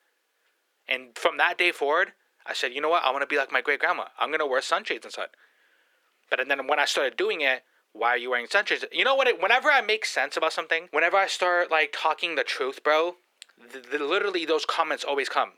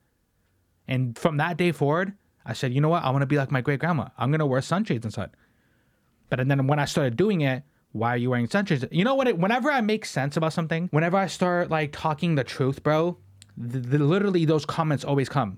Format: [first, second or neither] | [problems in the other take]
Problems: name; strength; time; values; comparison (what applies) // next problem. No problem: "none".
second | thin; very; fading below 400 Hz